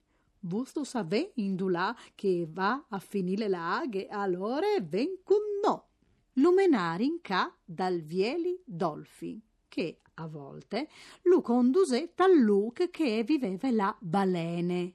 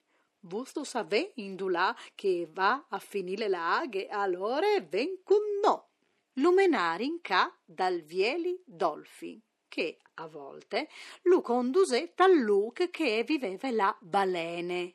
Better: first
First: none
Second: thin; somewhat; fading below 450 Hz

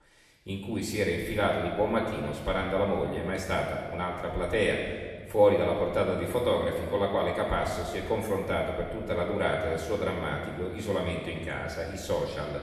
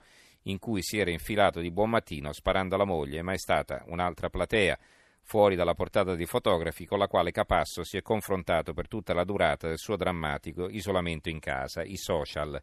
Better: second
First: off-mic speech; somewhat distant // room echo; noticeable; dies away in 1.5 s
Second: none

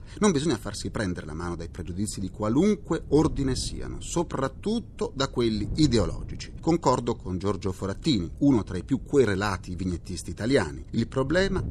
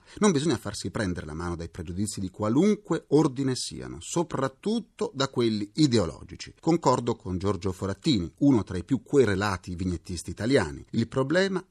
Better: second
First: wind noise on the microphone; occasional gusts; 25 dB below the speech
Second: none

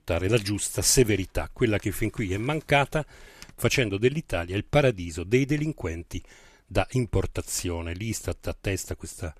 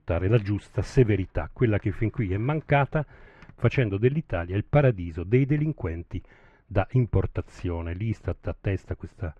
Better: first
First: none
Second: muffled; very; fading above 1.5 kHz

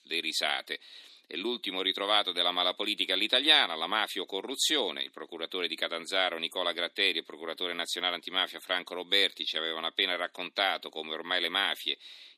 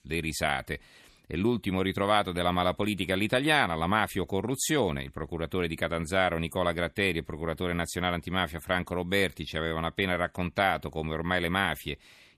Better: second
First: thin; somewhat; fading below 250 Hz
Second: none

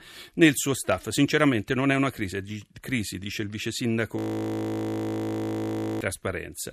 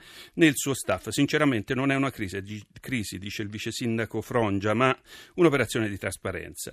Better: second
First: audio freezing; at 4 s for 2 s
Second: none

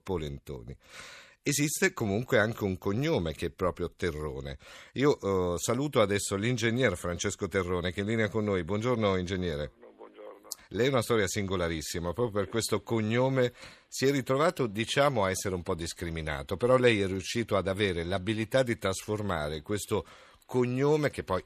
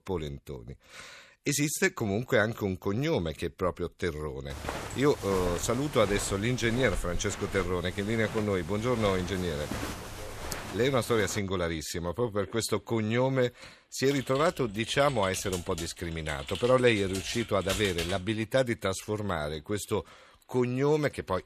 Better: first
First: none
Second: footsteps; noticeable; from 4.5 to 11 s; peak 6 dB below the speech // keyboard typing; noticeable; from 14 to 18 s; peak 4 dB below the speech

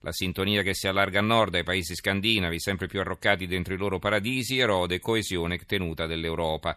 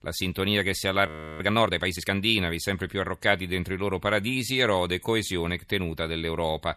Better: first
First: none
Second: audio freezing; at 1 s

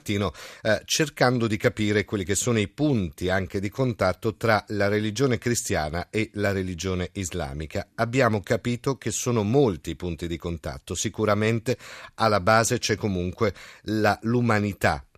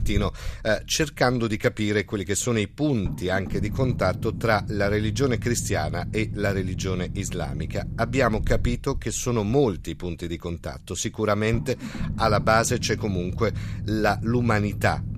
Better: first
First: none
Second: low rumble; noticeable; throughout; 15 dB below the speech

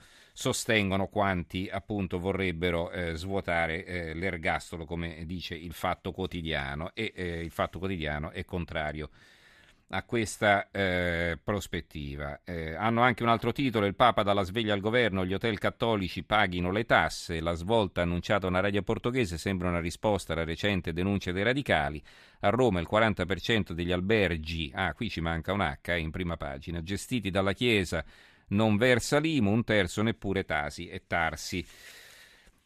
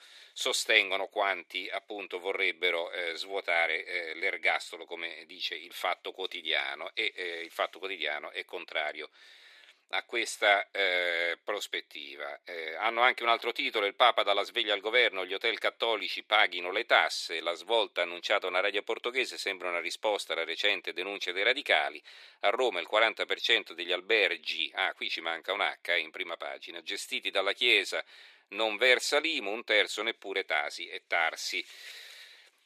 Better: first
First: none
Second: thin; very; fading below 400 Hz

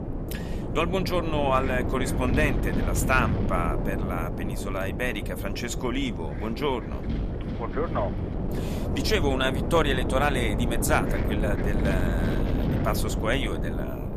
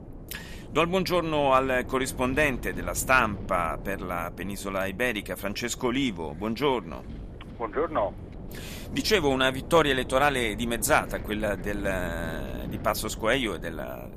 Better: second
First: wind noise on the microphone; heavy; 7 dB below the speech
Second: wind noise on the microphone; occasional gusts; 20 dB below the speech

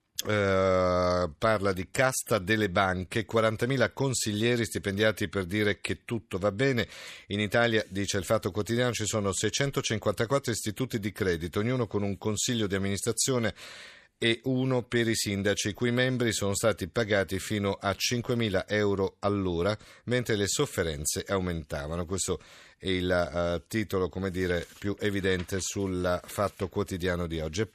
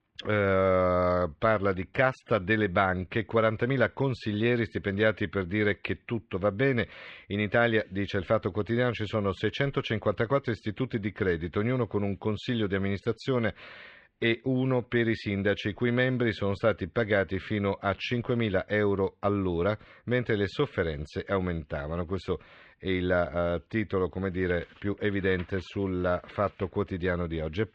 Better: first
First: none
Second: muffled; very; fading above 3 kHz

